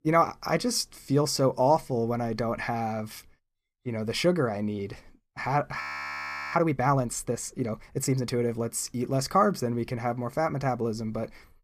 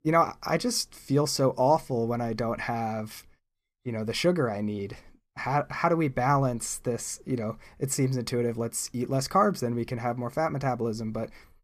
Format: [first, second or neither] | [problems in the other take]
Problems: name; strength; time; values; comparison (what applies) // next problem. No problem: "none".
second | audio freezing; at 6 s for 0.5 s